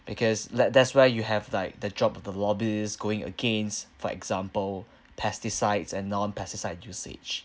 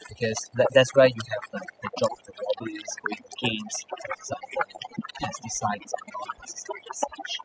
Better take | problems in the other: first | noise reduction (classical method spectral subtraction)

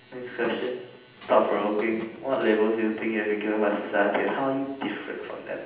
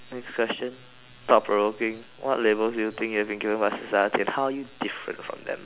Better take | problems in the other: second | background sound (Squeak); 14 dB below the speech // room echo; dies away in 0.8 s

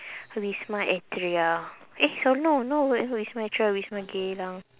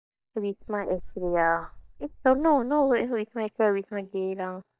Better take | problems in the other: first | noise reduction (neural mask model DeepFilterNet 3)

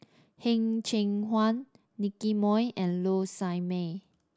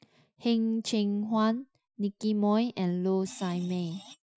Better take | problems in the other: first | noise reduction (classical method Wiener filter)

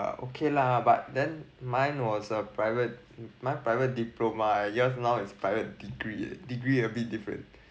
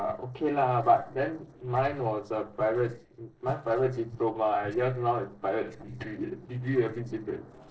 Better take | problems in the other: first | noise reduction (neural separator model SepFormer DNS4)

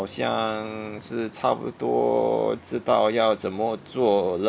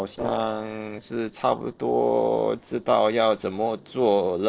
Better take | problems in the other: first | noise reduction (neural separator model SepFormer DNS4)

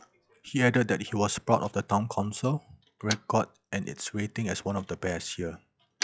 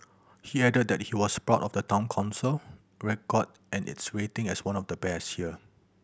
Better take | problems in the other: second | noise reduction (classical method log-MMSE)

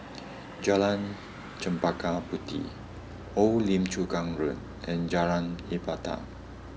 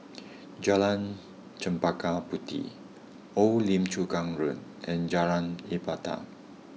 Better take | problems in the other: second | background sound (Motor vehicle (road)); 14 dB below the speech

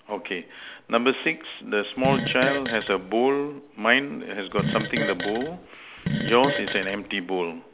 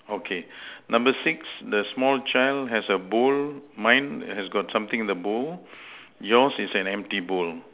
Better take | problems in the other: second | background sound (Fart); 4 dB below the speech

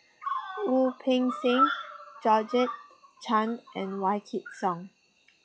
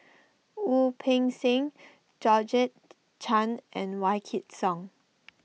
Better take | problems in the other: second | noise reduction (classical method log-MMSE)

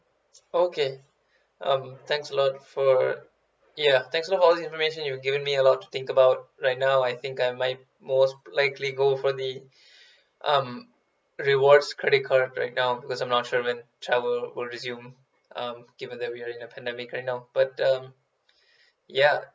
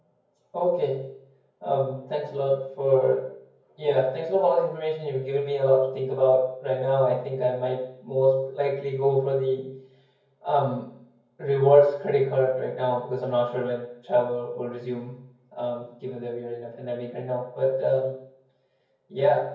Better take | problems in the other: first | room echo; dies away in 0.9 s

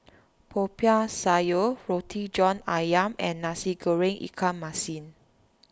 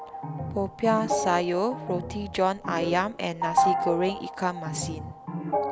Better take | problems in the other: first | background sound (Organ); 2 dB below the speech

